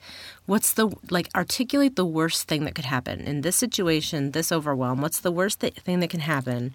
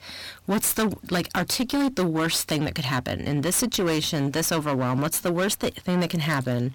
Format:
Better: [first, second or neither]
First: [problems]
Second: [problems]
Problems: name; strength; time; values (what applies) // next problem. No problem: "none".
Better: first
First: none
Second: distortion; heavy; 21% of the sound clipped